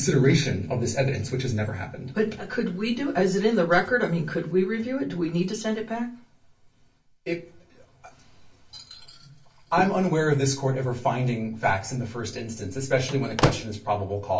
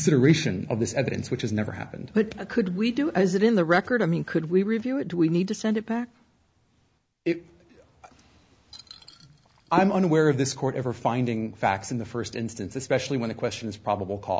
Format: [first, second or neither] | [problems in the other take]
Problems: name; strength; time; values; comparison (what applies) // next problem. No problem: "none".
second | background sound (Slam / Microwave oven); as loud as the speech // room echo; dies away in 0.3 s